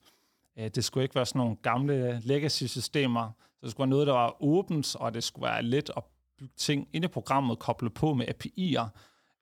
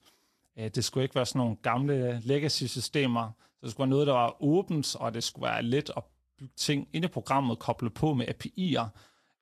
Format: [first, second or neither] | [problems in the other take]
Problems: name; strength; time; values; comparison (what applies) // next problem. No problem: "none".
first | garbled, watery; slightly; nothing above 13 kHz